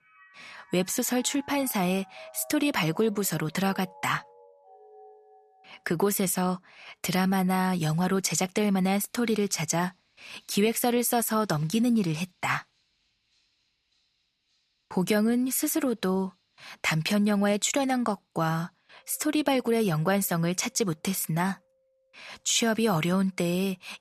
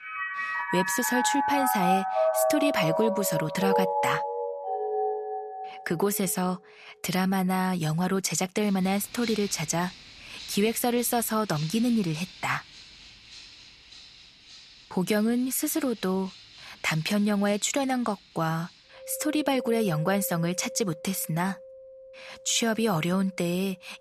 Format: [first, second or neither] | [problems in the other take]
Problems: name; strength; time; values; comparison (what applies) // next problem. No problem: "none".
first | background music; loud; throughout; 3 dB below the speech; faint in the first